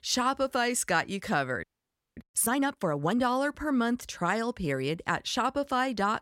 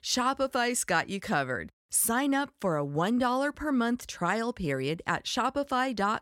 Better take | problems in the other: second | audio freezing; at 1.5 s for 0.5 s

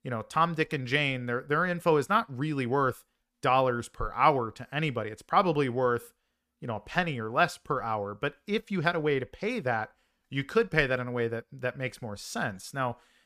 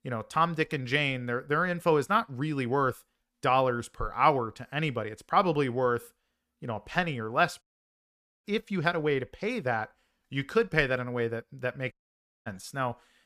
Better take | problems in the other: first | audio cutting out; at 7.5 s for 1 s and at 12 s for 0.5 s

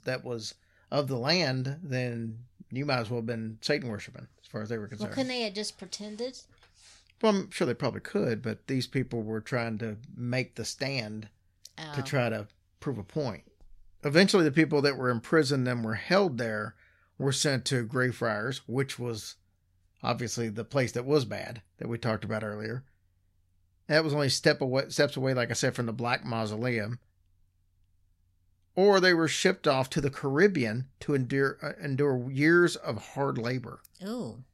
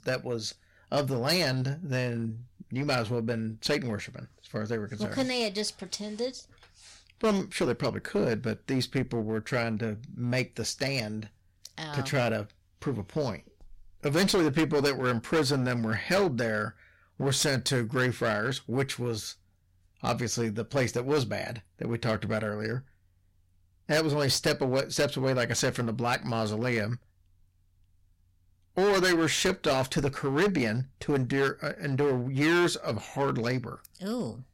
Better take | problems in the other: first | distortion; heavy; 8% of the sound clipped

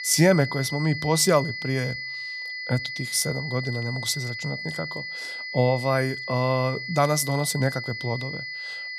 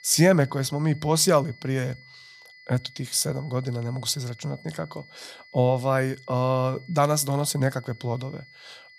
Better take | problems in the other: second | high-pitched whine; loud; throughout; 2 kHz, 7 dB below the speech; faint in the second

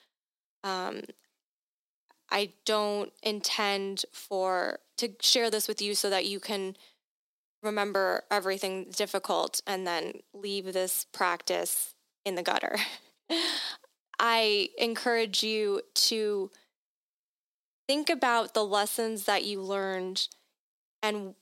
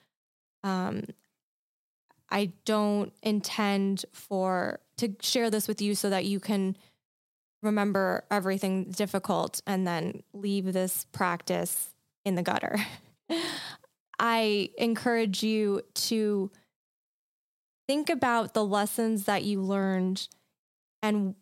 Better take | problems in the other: second | thin; somewhat; fading below 300 Hz

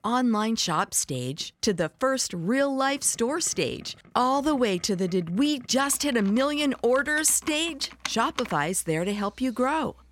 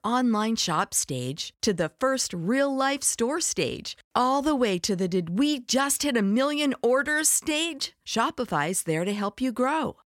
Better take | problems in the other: second | household noises; noticeable; throughout; 20 dB below the speech

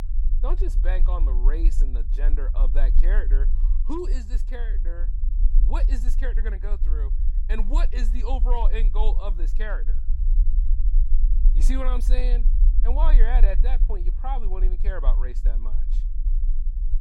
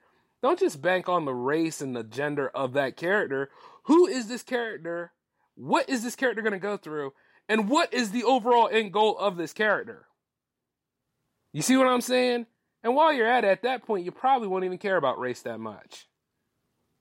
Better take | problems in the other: second | low rumble; noticeable; throughout; 15 dB below the speech

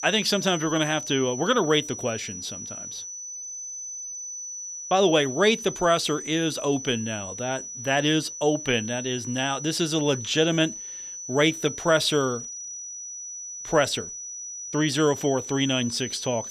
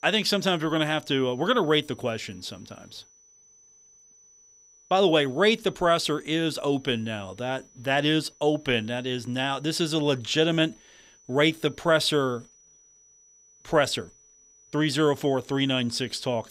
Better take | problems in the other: second | high-pitched whine; loud; throughout; 6 kHz, 9 dB below the speech; faint in the second

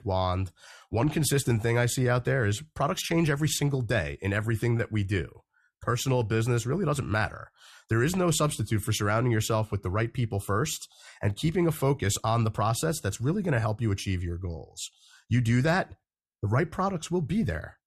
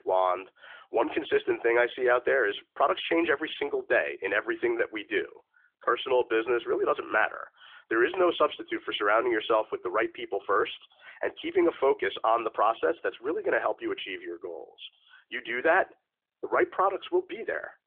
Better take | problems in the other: first | phone-call audio; nothing above 3.5 kHz

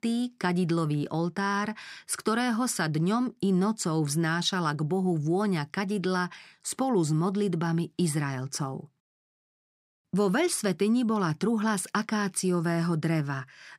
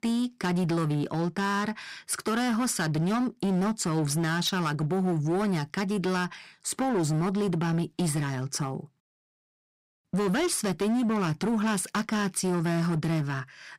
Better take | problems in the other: first | distortion; slight; 17% of the sound clipped

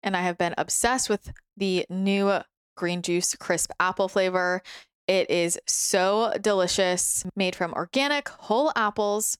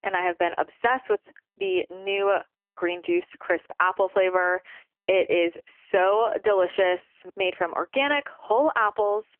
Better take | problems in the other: first | phone-call audio; poor line; nothing above 3 kHz

